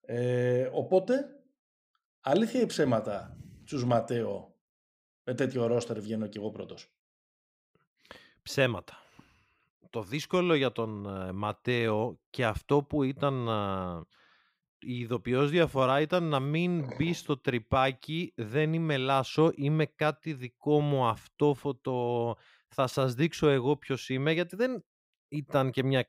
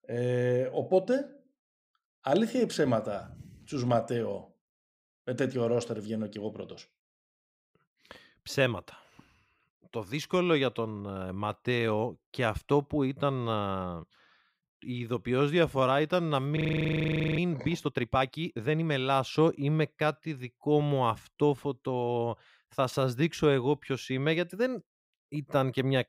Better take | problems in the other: first | audio freezing; at 17 s for 1 s

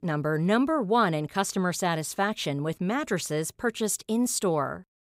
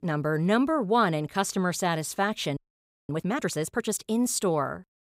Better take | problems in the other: first | audio freezing; at 2.5 s for 0.5 s

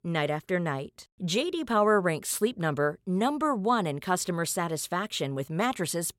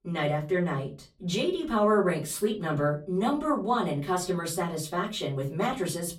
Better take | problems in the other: first | off-mic speech; far // room echo; very slight; dies away in 0.3 s

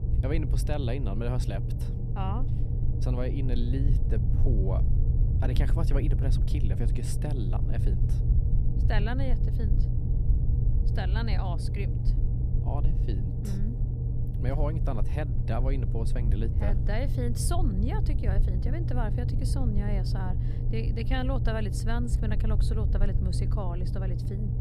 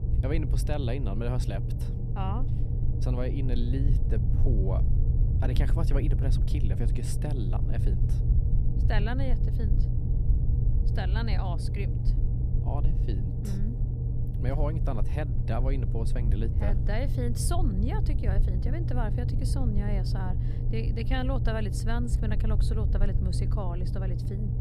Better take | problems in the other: neither | low rumble; loud; throughout; 4 dB below the speech; the same in both

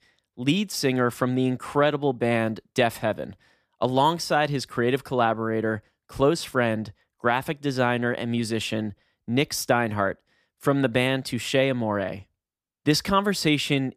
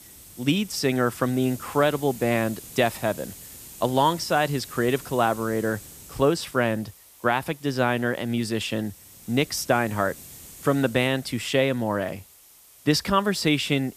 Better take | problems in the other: first | hiss; noticeable; throughout; 20 dB below the speech

